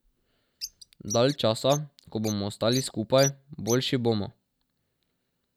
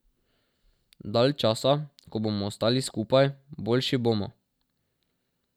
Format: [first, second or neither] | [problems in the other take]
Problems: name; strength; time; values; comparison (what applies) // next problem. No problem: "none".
second | background sound (Bird); 11 dB below the speech